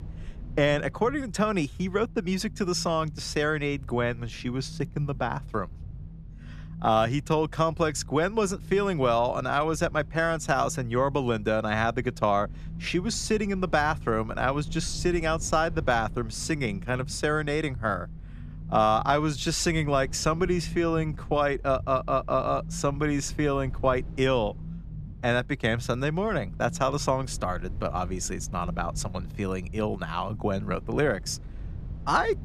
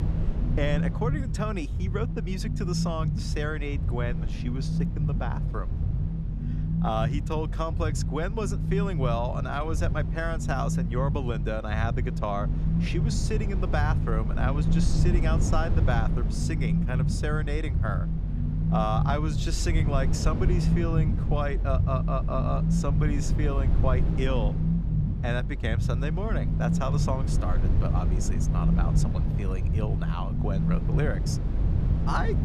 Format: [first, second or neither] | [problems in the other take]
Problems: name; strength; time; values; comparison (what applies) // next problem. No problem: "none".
first | low rumble; loud; throughout; 6 dB below the speech; faint in the first